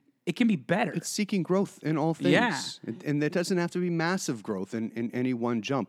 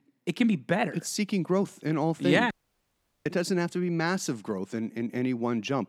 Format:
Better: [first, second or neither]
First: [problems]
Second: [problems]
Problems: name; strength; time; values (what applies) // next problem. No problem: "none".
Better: first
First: none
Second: audio cutting out; at 2.5 s for 0.5 s